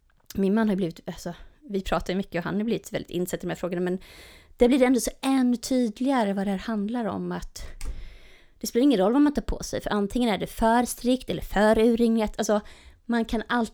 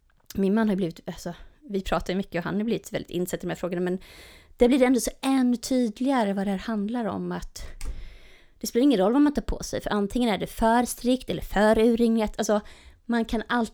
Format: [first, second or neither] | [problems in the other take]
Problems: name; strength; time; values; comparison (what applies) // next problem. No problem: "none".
neither | door banging; faint; at 7.5 s; peak 15 dB below the speech; the same in both